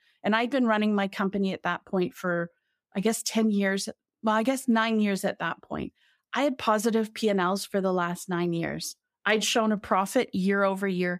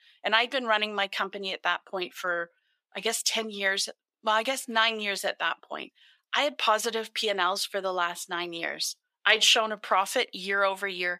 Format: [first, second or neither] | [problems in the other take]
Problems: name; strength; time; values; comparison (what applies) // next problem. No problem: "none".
first | thin; very; fading below 550 Hz